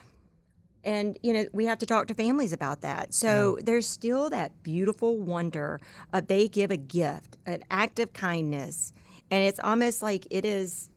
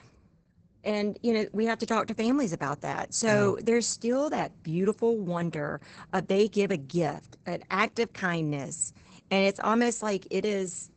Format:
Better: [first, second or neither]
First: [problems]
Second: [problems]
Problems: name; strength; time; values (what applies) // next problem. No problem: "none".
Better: first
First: garbled, watery; slightly; nothing above 17.5 kHz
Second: garbled, watery; badly; nothing above 8 kHz